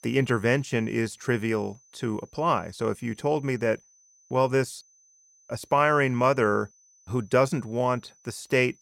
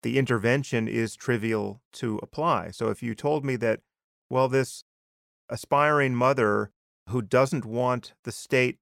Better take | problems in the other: second | high-pitched whine; faint; throughout; 6 kHz, 30 dB below the speech

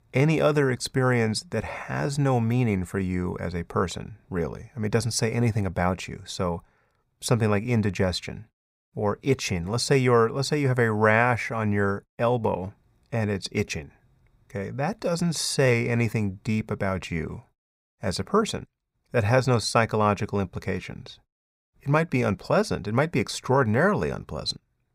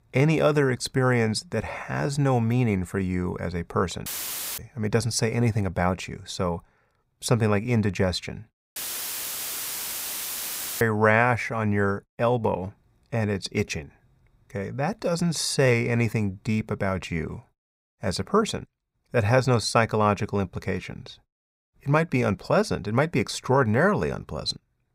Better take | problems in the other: first | audio cutting out; filled with static; at 4 s for 0.5 s and at 9 s for 2 s

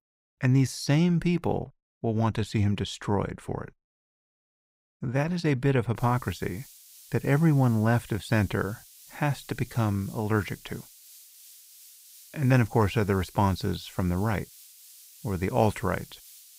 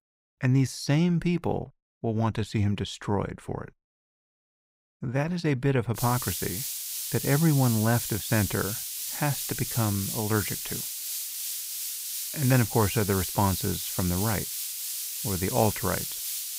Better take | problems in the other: first | hiss; loud; from 6 s on; 3 dB below the speech; faint in the first

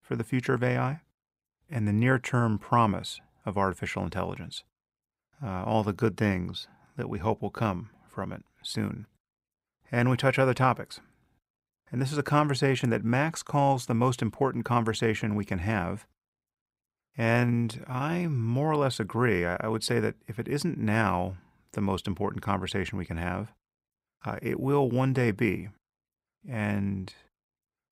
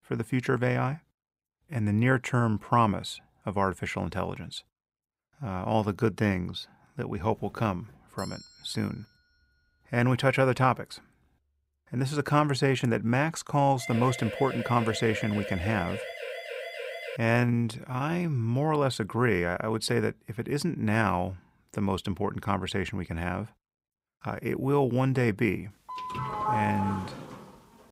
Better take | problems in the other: first | doorbell; faint; from 7.5 to 9 s; peak 15 dB below the speech // siren; noticeable; from 14 to 17 s; peak 8 dB below the speech // doorbell; noticeable; from 26 s on; peak 1 dB below the speech

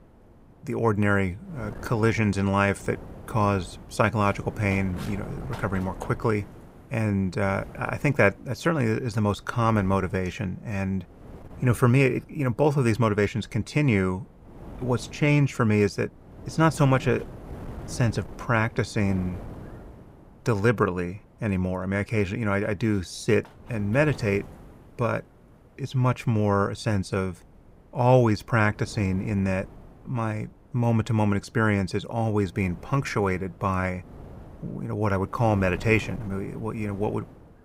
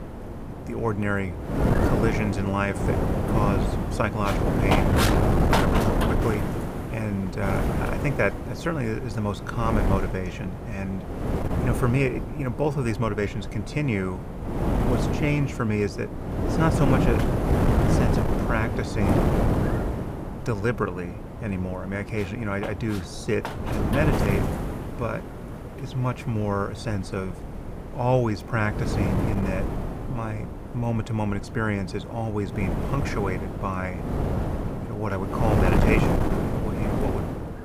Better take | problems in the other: first | wind noise on the microphone; heavy; as loud as the speech; occasional gusts in the first

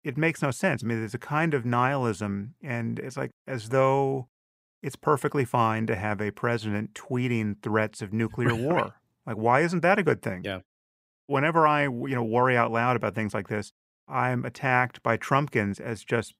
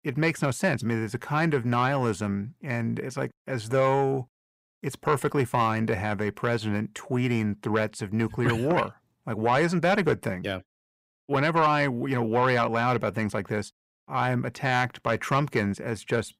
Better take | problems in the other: first | distortion; slight; 10 dB below the speech

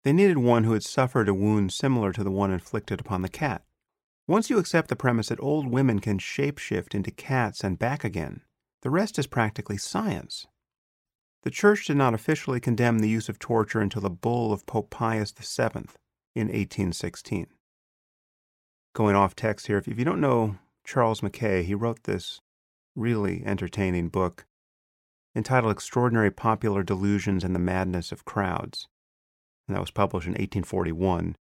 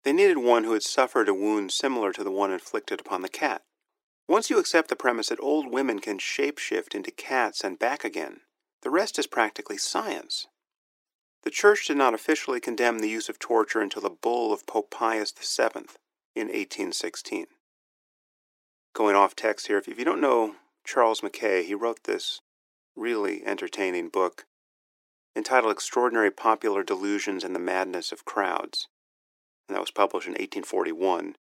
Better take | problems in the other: first | thin; somewhat; fading below 300 Hz

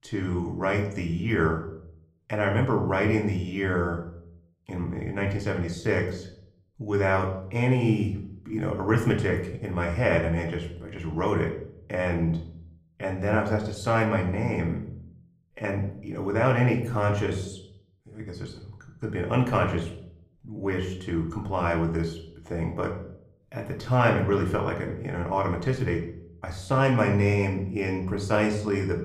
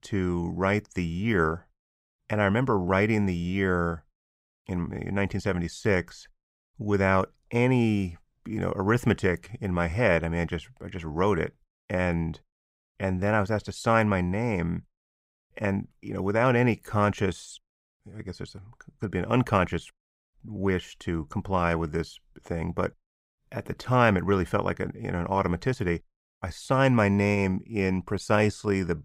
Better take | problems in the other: second | room echo; slight; dies away in 0.5 s // off-mic speech; somewhat distant

